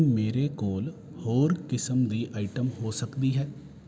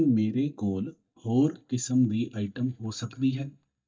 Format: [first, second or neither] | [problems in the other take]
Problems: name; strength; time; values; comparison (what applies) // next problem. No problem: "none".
first | noise reduction (neural mask model DeepFilterNet 3)